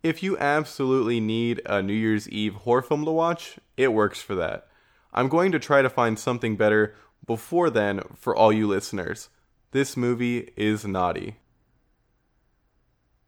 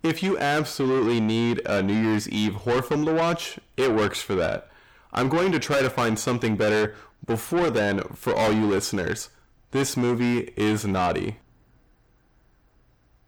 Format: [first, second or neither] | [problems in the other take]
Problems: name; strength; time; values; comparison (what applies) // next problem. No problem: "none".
first | distortion; heavy; 6 dB below the speech